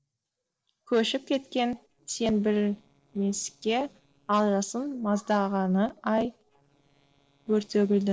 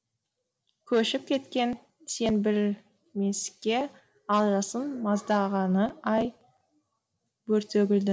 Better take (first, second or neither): second